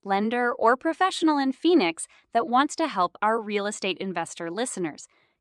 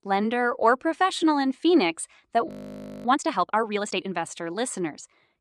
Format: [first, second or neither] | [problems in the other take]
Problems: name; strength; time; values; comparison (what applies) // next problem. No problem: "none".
first | audio freezing; at 2.5 s for 0.5 s